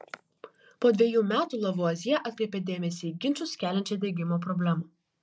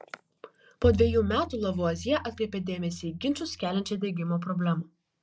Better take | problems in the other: first | background sound (Bowed string instrument); 7 dB below the speech

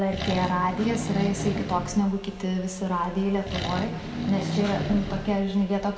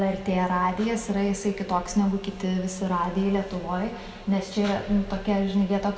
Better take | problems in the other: second | background sound (Accelerating, revving, vroom); 5 dB below the speech

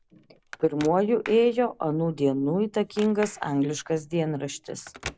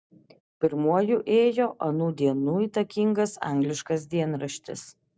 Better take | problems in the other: second | background sound (Clapping + Telephone); 19 dB below the speech

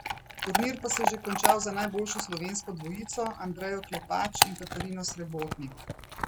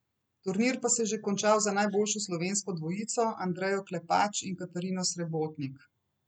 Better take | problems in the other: second | background sound (Chewing, mastication / Dog); 1 dB above the speech

